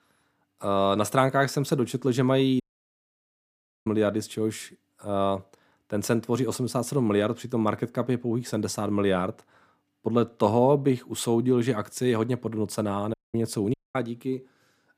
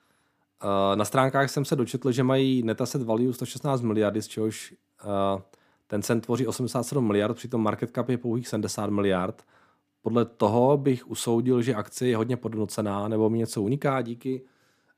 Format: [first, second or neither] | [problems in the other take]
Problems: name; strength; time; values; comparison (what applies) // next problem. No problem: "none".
second | audio cutting out; at 2.5 s for 1.5 s, at 13 s and at 14 s